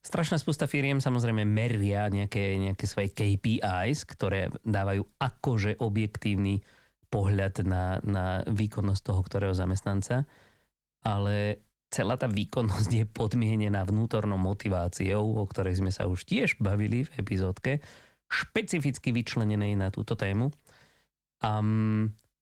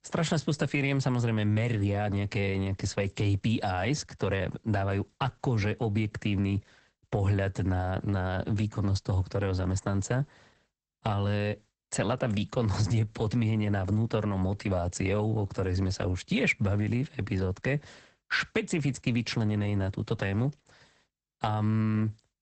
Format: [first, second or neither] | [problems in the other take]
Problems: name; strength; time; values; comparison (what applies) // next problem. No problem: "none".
first | garbled, watery; badly; nothing above 8 kHz; slightly in the first